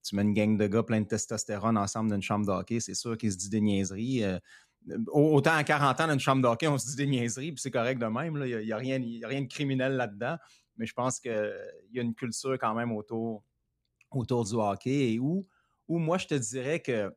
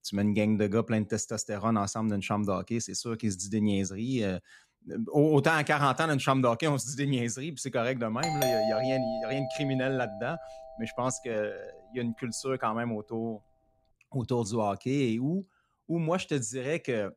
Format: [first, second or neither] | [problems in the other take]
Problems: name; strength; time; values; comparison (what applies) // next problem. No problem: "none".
first | doorbell; loud; from 8 to 10 s; peak 2 dB above the speech